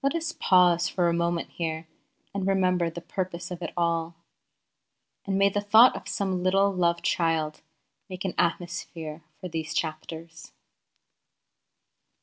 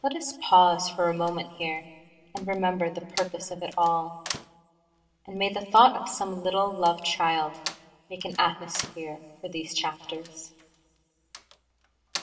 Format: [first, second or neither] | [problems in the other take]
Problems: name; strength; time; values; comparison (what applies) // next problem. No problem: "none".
first | background sound (Slam); 16 dB below the speech // room echo; dies away in 1.8 s